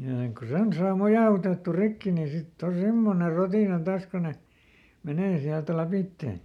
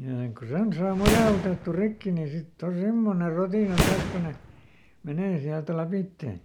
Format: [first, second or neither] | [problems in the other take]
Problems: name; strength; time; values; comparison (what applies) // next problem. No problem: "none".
first | background sound (Fireworks); 4 dB below the speech